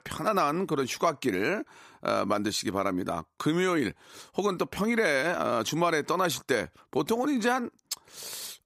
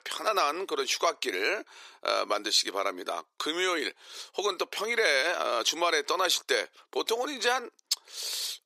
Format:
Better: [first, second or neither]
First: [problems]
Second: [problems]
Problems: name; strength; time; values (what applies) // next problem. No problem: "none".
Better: first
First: none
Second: thin; very; fading below 400 Hz